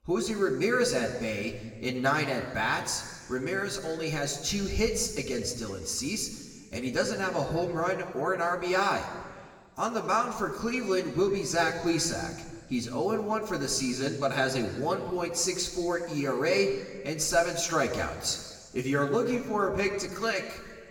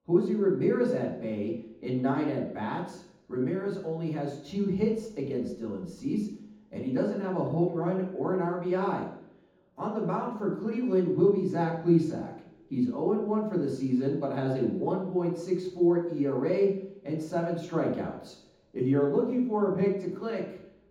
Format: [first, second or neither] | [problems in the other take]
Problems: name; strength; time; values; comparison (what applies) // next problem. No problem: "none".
first | room echo; strong; dies away in 0.9 s; slight in the first // off-mic speech; far; somewhat distant in the first